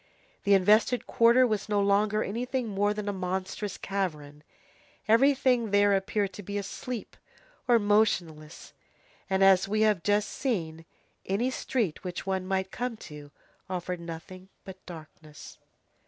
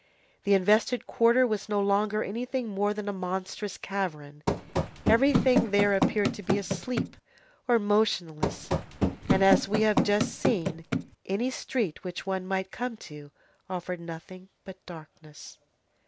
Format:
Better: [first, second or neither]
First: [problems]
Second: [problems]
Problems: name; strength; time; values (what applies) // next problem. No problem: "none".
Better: first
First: none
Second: background sound (Run); as loud as the speech